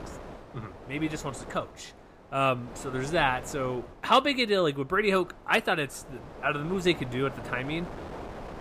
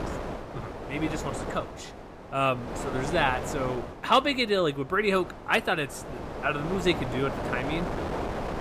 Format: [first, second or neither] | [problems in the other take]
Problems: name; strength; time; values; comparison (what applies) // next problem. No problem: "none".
first | wind noise on the microphone; heavy; 9 dB below the speech; occasional gusts in the first